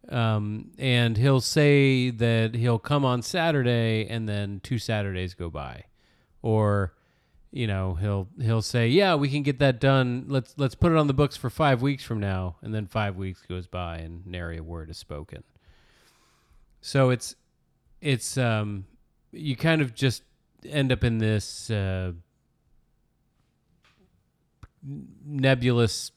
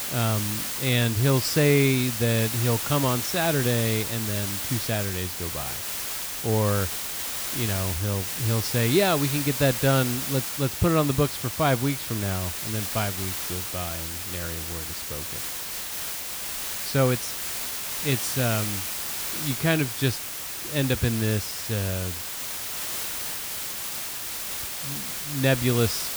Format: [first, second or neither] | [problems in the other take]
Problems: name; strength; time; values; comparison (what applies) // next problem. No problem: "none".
first | hiss; loud; throughout; 3 dB below the speech